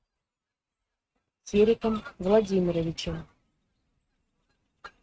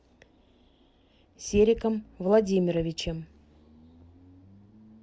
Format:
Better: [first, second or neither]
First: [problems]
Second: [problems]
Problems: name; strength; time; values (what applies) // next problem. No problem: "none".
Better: second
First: noise reduction (neural mask model RNNoise)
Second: none